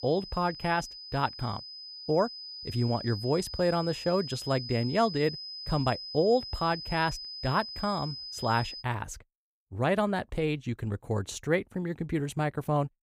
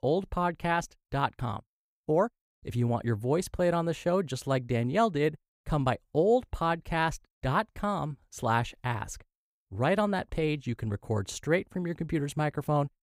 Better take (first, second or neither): second